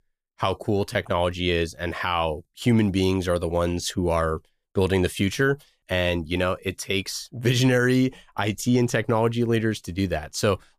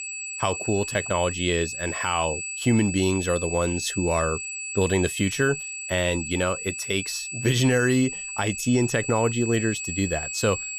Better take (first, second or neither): first